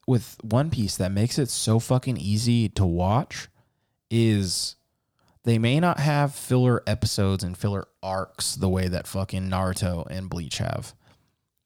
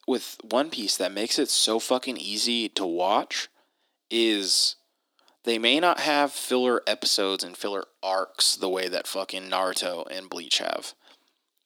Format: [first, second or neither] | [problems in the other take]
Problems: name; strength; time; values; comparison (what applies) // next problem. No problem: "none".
first | thin; somewhat; fading below 300 Hz